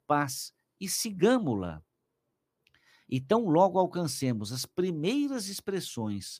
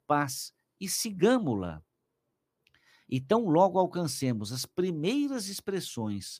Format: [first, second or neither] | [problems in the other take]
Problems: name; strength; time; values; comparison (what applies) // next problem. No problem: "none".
neither | none